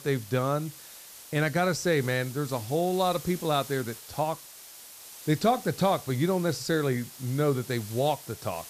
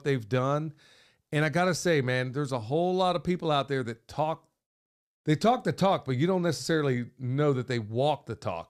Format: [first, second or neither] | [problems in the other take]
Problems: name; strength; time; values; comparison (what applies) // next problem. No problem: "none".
second | hiss; noticeable; throughout; 15 dB below the speech